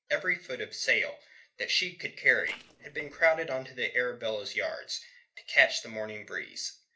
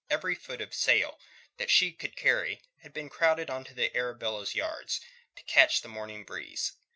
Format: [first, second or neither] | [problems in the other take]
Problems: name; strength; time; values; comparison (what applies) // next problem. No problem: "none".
second | noise reduction (neural separator model SepFormer DNS4)